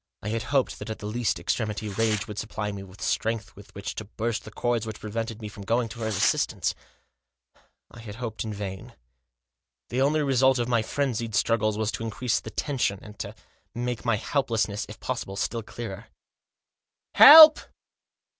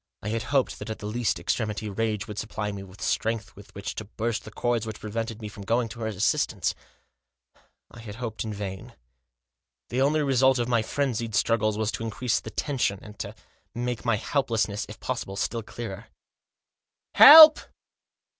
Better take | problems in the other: second | background sound (Tearing); 12 dB below the speech

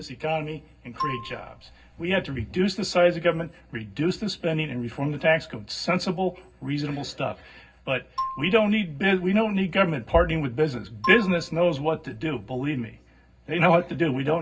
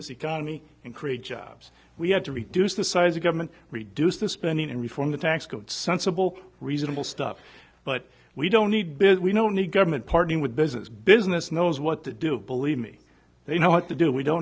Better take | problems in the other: second | background sound (Marimba, xylophone); 12 dB below the speech // room echo; dies away in 0.4 s

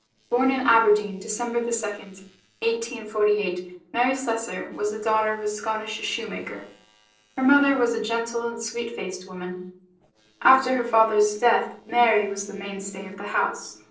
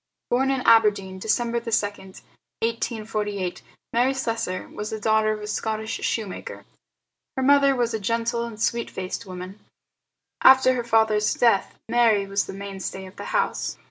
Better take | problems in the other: second | noise reduction (neural separator model SepFormer DNS4)

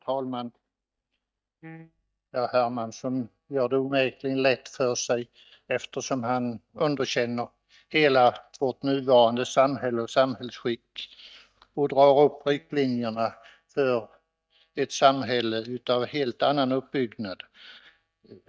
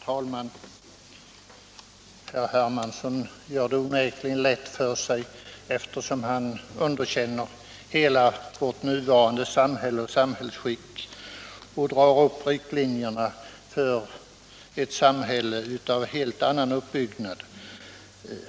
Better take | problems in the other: second | noise reduction (neural mask model DeepFilterNet 3)

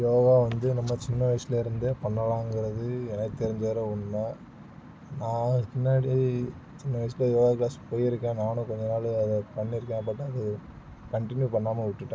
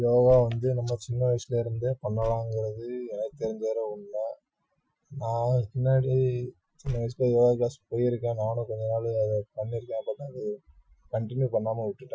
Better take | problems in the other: first | noise reduction (classical method Wiener filter)

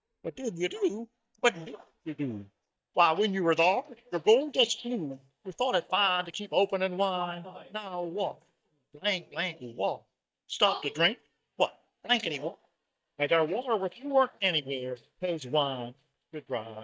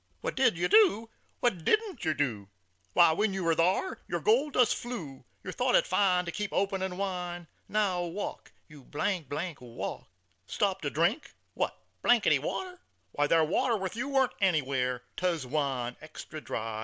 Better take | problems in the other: second | noise reduction (neural mask model DeepFilterNet 3)

